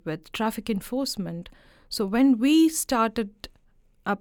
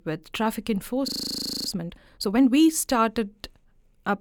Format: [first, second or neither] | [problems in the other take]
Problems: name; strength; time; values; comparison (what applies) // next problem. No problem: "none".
first | audio freezing; at 1 s for 0.5 s